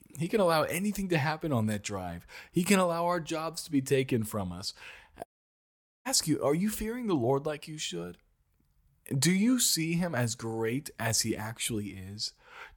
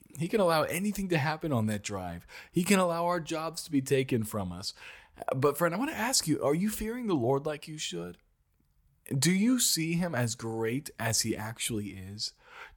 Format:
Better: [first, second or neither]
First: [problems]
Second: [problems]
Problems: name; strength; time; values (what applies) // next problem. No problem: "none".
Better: second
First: audio cutting out; at 5.5 s for 1 s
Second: none